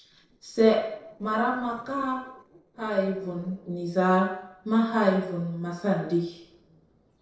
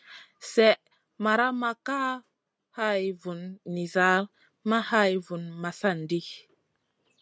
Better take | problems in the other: second | noise reduction (neural separator model SepFormer DNS4)

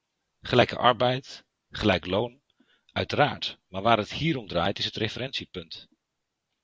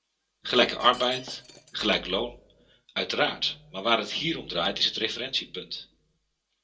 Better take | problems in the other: first | background sound (Shatter); 19 dB below the speech // room echo; dies away in 0.2 s

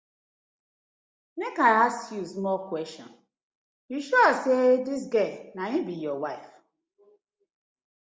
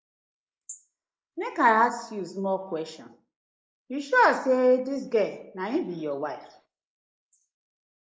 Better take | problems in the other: first | noise reduction (neural mask model Resemble Enhance denoiser)

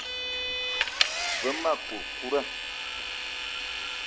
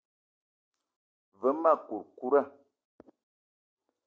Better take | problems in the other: second | background sound (Vehicle + Engine); 4 dB above the speech

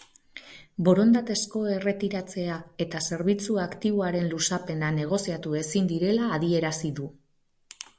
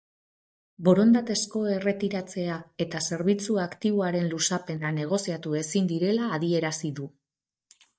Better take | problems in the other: first | noise reduction (neural mask model DeepFilterNet 3)

